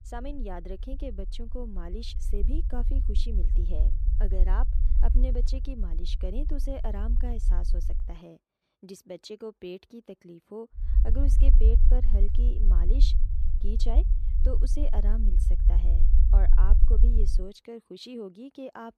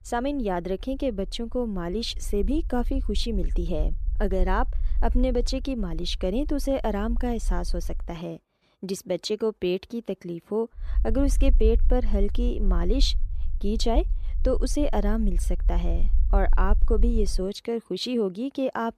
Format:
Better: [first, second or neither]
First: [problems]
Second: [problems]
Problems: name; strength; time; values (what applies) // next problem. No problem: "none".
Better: second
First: low rumble; loud; until 8 s and from 11 to 17 s; 7 dB below the speech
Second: low rumble; faint; until 8 s and from 11 to 17 s; 25 dB below the speech